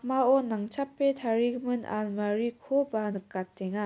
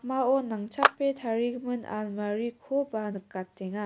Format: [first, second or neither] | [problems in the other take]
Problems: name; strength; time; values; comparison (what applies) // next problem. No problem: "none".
first | background sound (Clapping); 1 dB below the speech